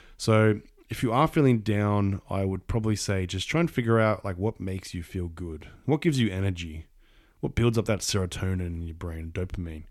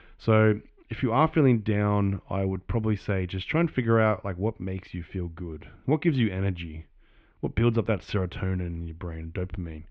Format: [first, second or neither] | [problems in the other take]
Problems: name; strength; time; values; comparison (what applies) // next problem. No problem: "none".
first | muffled; very; fading above 3 kHz